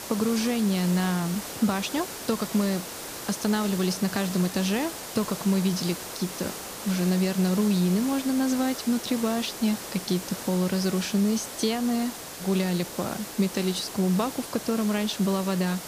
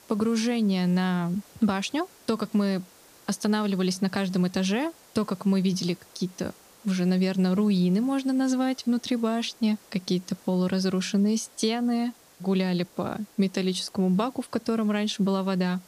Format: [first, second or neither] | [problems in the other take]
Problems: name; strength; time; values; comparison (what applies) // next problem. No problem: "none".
second | hiss; loud; throughout; 9 dB below the speech; faint in the second